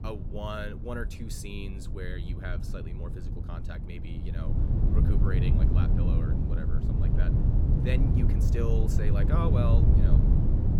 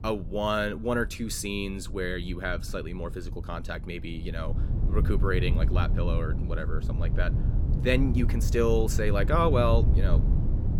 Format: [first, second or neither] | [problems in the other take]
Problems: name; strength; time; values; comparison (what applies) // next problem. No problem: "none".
second | wind noise on the microphone; heavy; as loud as the speech; occasional gusts in the second